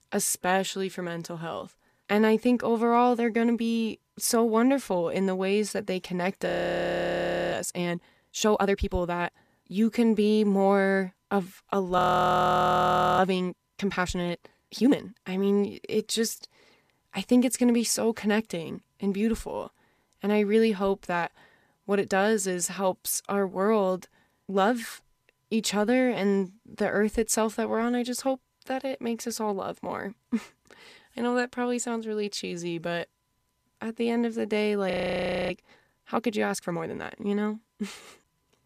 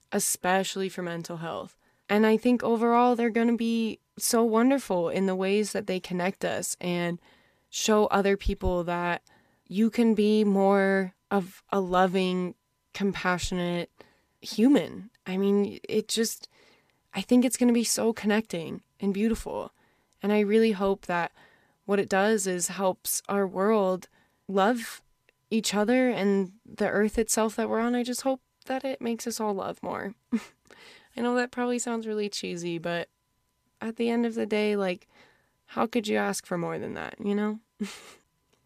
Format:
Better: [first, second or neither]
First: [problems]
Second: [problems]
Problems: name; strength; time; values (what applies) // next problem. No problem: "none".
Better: second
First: audio freezing; at 6.5 s for 1 s, at 12 s for 1 s and at 35 s for 0.5 s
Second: none